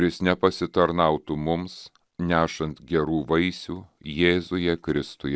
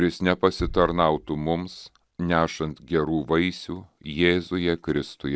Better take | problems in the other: first | background sound (Bass drum); 17 dB below the speech

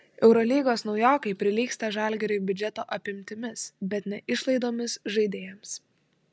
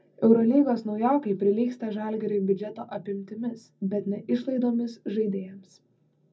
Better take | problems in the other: first | room echo; dies away in 0.4 s

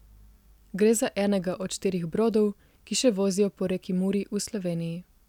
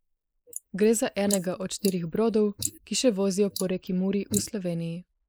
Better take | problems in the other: first | noise reduction (neural mask model Resemble Enhance denoiser)

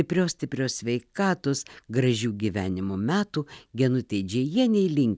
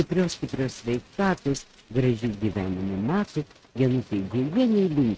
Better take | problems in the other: first | noise reduction (neural mask model RNNoise)

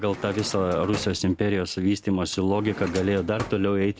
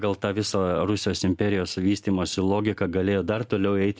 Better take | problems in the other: second | background sound (Drawer open or close); 15 dB below the speech

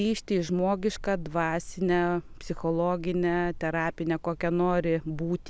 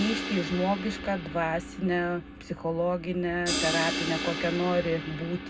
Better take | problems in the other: first | background sound (Crash cymbal); 5 dB below the speech // room echo; dies away in 0.3 s

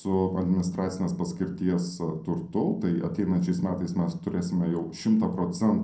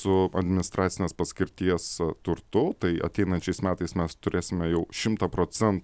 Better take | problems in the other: second | room echo; dies away in 0.5 s

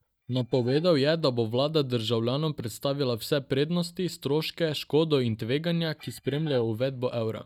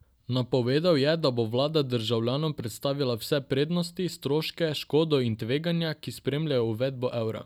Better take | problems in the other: second | noise reduction (neural mask model DeepFilterNet 3)

